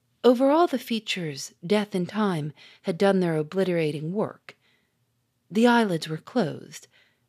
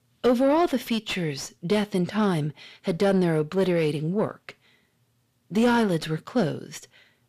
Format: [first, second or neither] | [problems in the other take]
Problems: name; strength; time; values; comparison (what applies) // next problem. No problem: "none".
first | distortion; slight; 10 dB below the speech